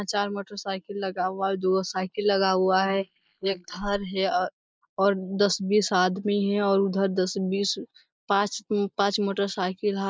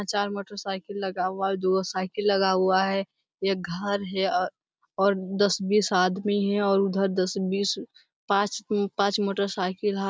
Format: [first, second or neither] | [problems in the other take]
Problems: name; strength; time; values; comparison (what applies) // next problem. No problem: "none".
second | noise reduction (neural mask model Resemble Enhance denoiser)